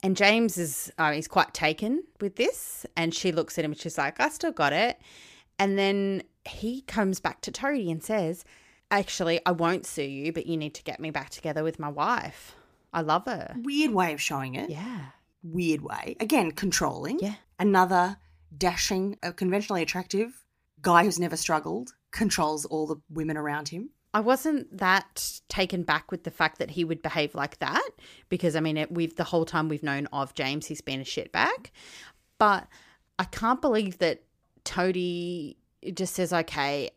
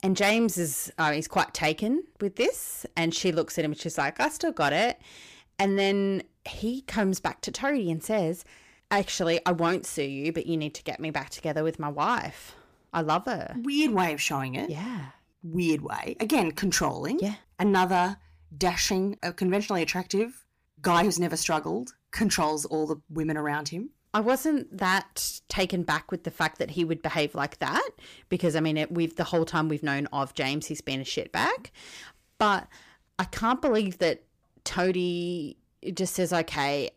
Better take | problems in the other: first | distortion; slight; 10 dB below the speech

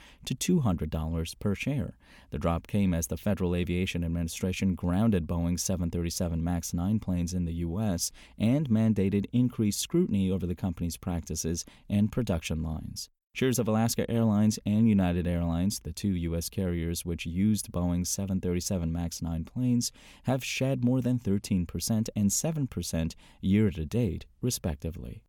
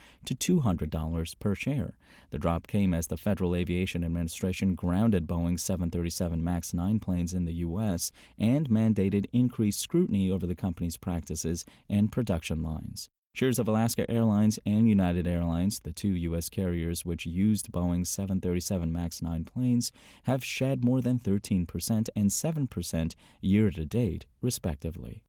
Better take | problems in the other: first | garbled, watery; slightly; nothing above 15.5 kHz

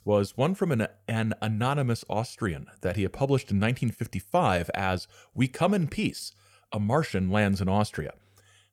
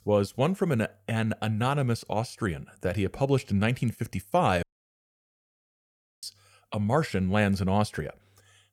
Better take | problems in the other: first | audio cutting out; at 4.5 s for 1.5 s

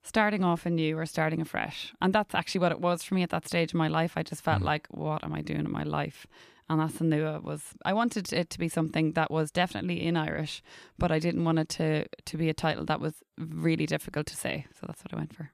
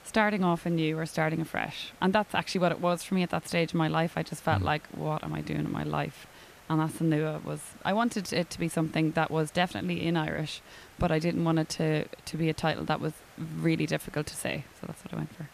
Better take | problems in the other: first | hiss; faint; throughout; 25 dB below the speech

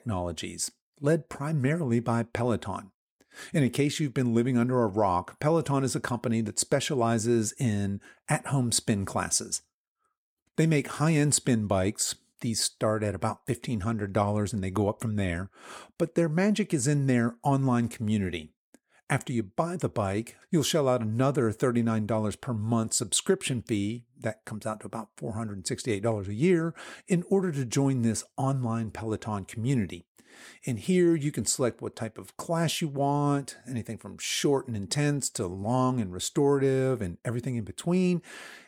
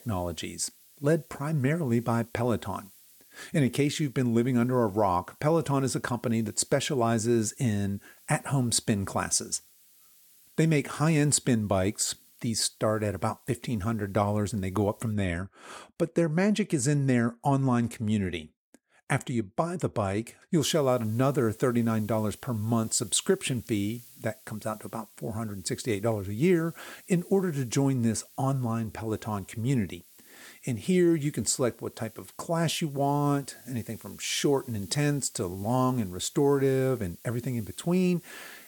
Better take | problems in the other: first | hiss; faint; until 15 s and from 21 s on; 25 dB below the speech

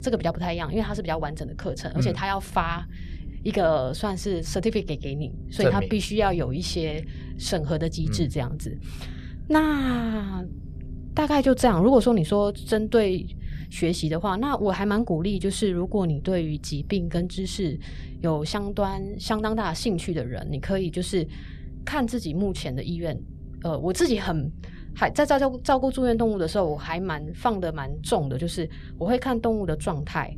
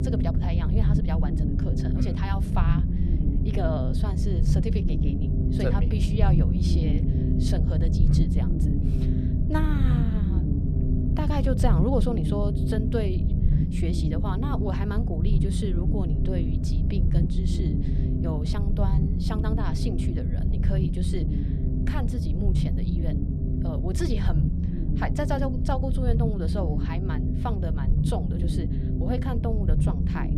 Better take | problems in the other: first | low rumble; loud; throughout; 1 dB below the speech; faint in the first

